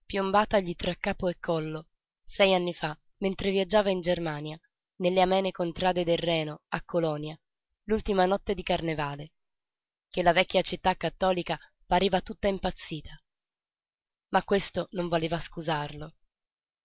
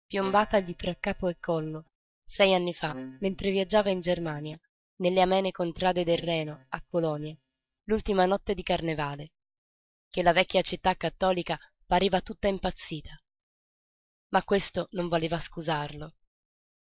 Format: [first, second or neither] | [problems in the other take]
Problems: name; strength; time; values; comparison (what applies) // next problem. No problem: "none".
first | noise reduction (neural mask model DeepFilterNet 3)